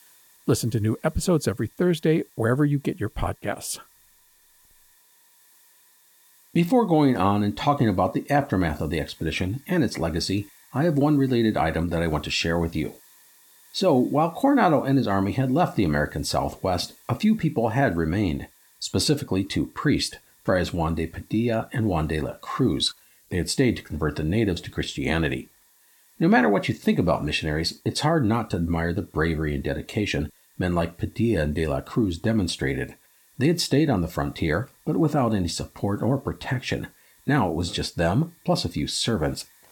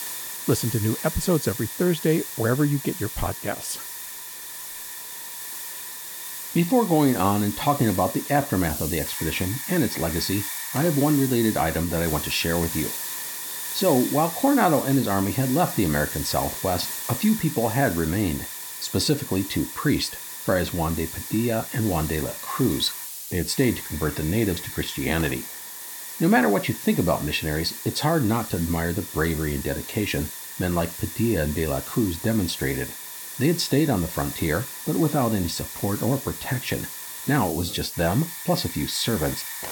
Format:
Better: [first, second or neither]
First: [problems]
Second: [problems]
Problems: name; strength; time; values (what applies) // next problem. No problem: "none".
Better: first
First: hiss; faint; throughout; 30 dB below the speech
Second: hiss; loud; throughout; 7 dB below the speech